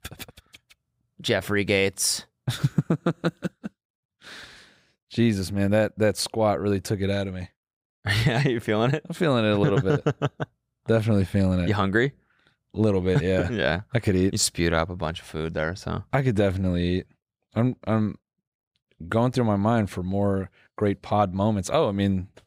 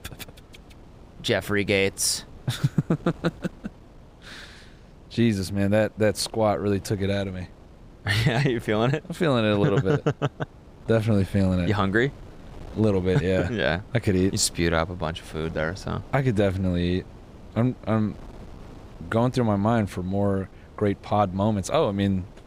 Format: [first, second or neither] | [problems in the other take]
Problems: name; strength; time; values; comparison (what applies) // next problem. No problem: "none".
first | wind noise on the microphone; occasional gusts; 25 dB below the speech